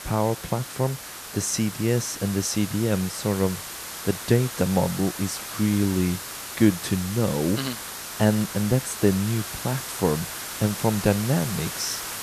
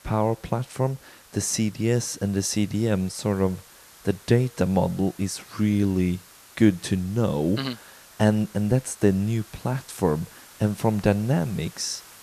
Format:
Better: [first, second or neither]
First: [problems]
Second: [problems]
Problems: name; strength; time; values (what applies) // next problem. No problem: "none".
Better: second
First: hiss; loud; throughout; 8 dB below the speech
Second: hiss; faint; throughout; 20 dB below the speech